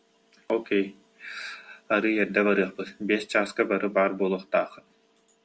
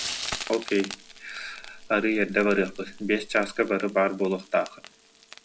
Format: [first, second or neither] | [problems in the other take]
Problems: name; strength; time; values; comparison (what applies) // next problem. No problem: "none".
first | background sound (Frying (food)); 13 dB below the speech